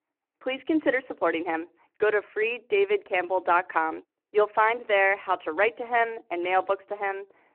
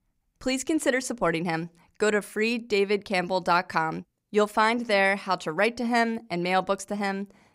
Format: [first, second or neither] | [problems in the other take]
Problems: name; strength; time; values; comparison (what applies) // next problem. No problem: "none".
second | phone-call audio